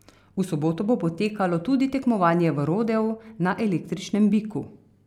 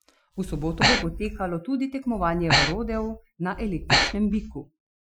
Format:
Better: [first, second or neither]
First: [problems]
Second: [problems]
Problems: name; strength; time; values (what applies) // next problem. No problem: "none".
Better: first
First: none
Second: noise reduction (classical method Wiener filter)